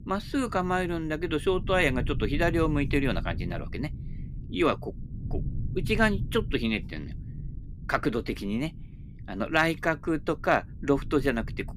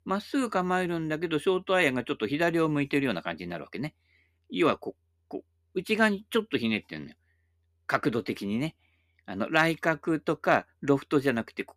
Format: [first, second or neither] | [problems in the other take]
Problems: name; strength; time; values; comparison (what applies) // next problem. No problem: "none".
second | low rumble; faint; throughout; 20 dB below the speech